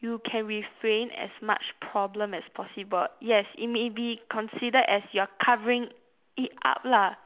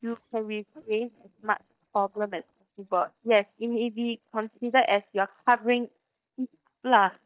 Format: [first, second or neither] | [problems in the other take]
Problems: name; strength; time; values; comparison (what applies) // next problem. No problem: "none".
first | noise reduction (neural mask model DeepFilterNet 3)